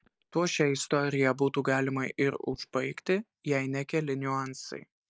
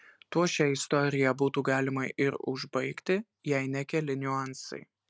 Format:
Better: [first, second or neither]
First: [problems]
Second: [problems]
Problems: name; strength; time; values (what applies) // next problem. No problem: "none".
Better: second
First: noise reduction (neural mask model DeepFilterNet 3)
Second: none